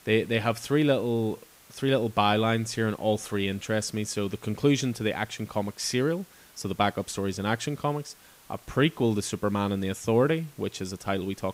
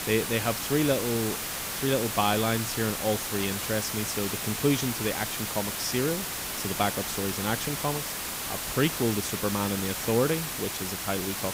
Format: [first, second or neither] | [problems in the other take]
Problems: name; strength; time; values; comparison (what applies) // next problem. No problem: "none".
first | hiss; loud; throughout; 2 dB below the speech; faint in the first